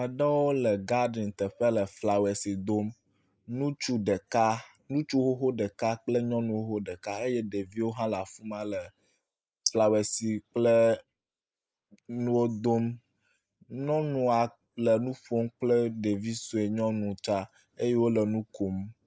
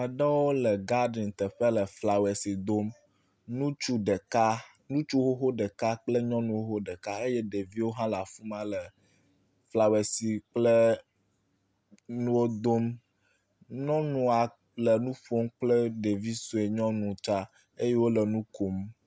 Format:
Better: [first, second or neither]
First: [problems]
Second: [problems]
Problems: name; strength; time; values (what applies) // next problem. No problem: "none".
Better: second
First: noise reduction (neural mask model Resemble Enhance denoiser)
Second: none